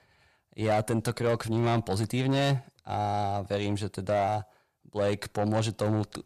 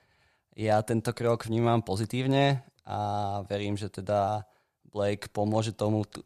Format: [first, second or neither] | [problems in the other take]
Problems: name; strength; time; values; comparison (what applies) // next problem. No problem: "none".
second | distortion; slight; 10 dB below the speech